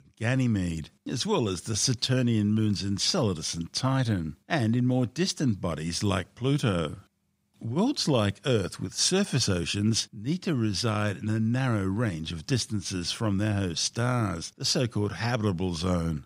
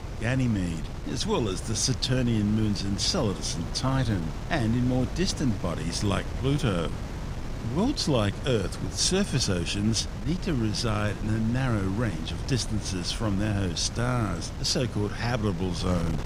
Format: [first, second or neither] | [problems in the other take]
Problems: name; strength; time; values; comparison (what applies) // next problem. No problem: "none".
first | wind noise on the microphone; occasional gusts; 10 dB below the speech